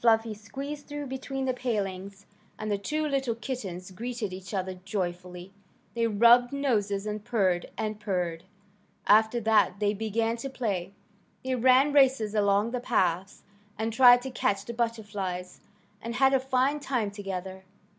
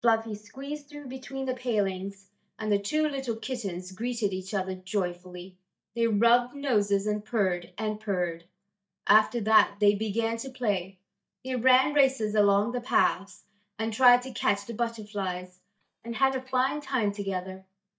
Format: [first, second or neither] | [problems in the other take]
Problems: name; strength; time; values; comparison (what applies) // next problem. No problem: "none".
first | noise reduction (neural mask model DeepFilterNet 3)